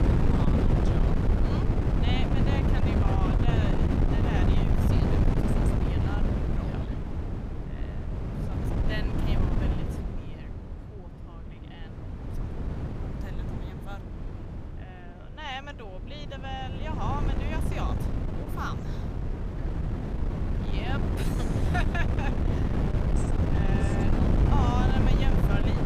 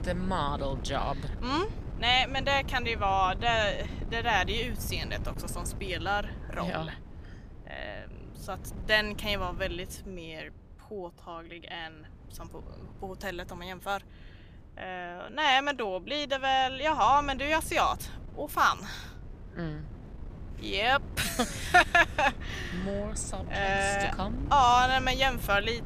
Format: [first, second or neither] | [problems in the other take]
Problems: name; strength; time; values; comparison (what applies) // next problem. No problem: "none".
second | wind noise on the microphone; heavy; 2 dB above the speech; occasional gusts in the second